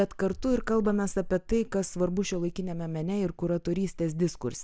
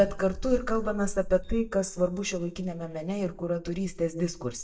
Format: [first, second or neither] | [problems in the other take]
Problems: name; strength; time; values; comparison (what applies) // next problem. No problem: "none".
first | noise reduction (neural mask model DeepFilterNet 3)